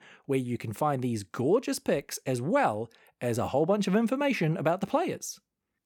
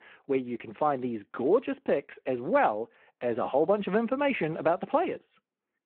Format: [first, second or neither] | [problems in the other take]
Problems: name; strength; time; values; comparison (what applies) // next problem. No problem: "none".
first | phone-call audio